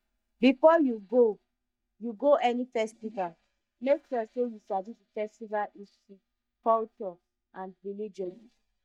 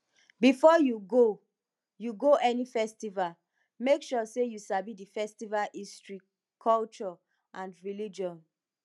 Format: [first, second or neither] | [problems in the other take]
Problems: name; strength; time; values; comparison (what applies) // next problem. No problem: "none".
second | noise reduction (neural mask model DeepFilterNet 3)